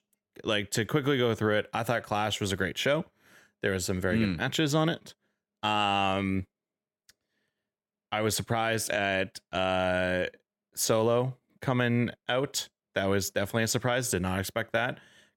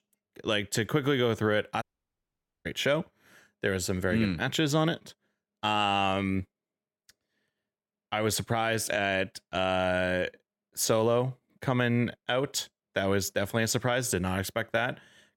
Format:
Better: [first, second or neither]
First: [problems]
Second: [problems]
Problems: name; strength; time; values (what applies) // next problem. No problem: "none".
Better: first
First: none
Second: audio cutting out; at 2 s for 1 s